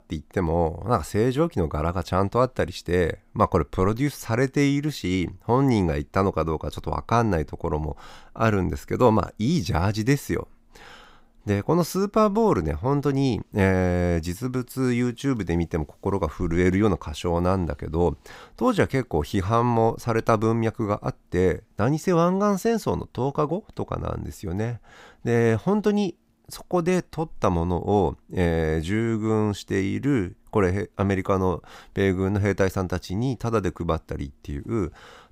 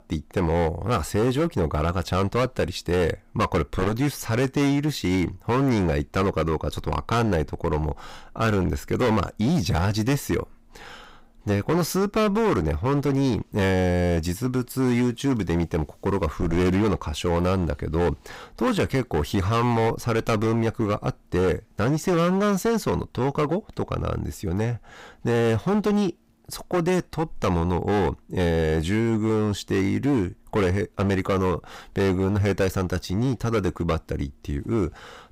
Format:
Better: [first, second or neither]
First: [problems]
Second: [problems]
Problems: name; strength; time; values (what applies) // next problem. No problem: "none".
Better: first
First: none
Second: distortion; heavy; 14% of the sound clipped